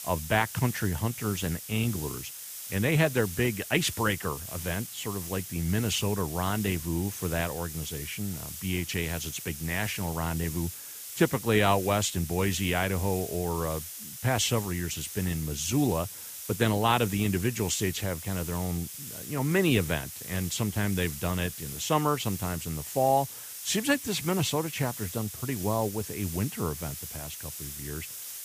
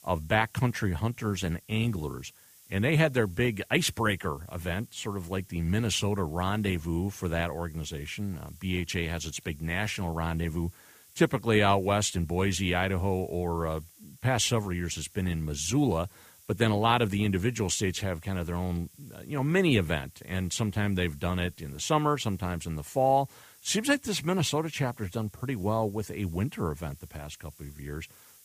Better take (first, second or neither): second